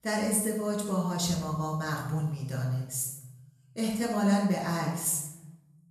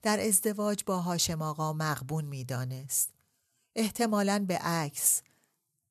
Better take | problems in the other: second | off-mic speech; far // room echo; noticeable; dies away in 1 s

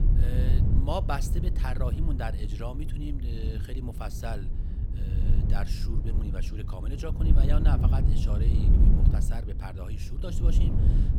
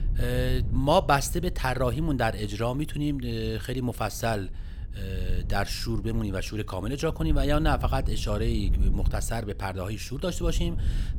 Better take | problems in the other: second | low rumble; loud; throughout; 3 dB below the speech; faint in the second

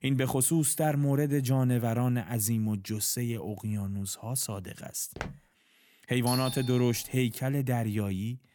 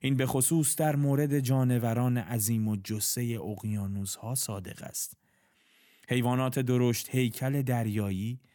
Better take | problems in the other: second | footsteps; faint; at 5 s; peak 10 dB below the speech // doorbell; noticeable; at 6.5 s; peak 5 dB below the speech

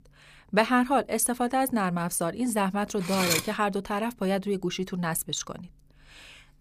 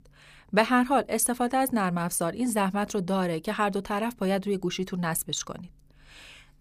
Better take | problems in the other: second | clattering dishes; loud; at 3 s; peak 1 dB above the speech

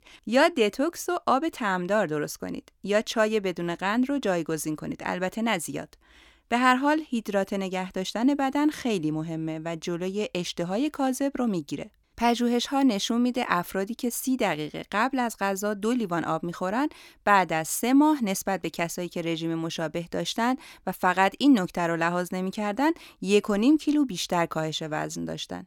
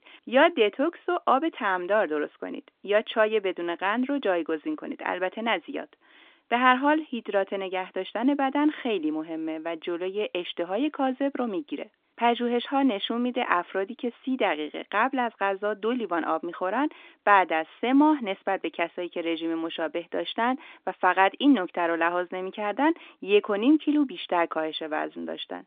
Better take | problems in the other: first | phone-call audio

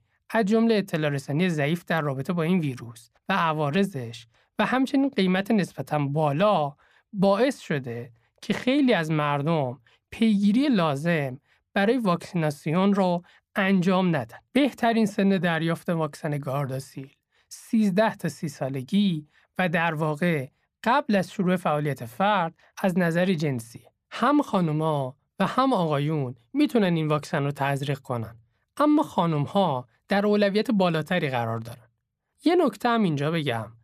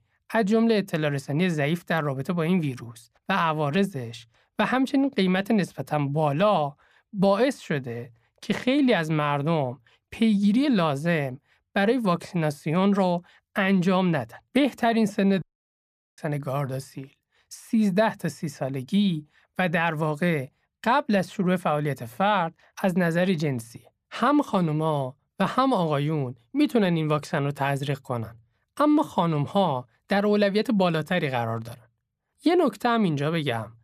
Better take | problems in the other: first | audio cutting out; at 15 s for 1 s

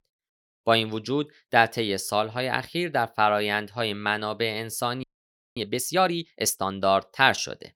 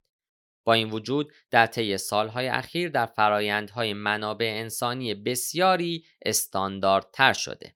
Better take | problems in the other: second | audio freezing; at 5 s for 0.5 s

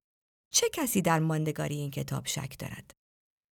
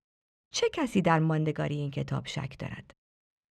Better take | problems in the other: first | muffled; slightly; fading above 3 kHz

